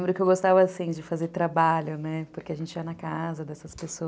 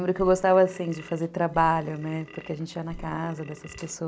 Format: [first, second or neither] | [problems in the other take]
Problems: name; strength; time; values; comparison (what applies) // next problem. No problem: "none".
first | background sound (Burping, eructation); 19 dB below the speech